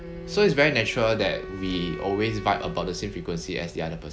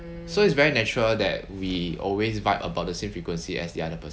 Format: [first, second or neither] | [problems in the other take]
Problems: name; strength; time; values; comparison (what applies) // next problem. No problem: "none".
second | background sound (Wind instrument, woodwind instrument); 14 dB below the speech